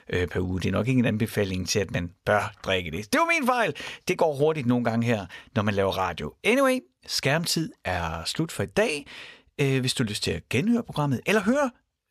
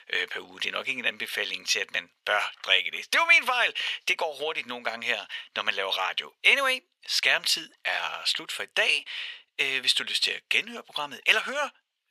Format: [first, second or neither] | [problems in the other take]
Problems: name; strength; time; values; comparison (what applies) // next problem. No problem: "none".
first | thin; very; fading below 700 Hz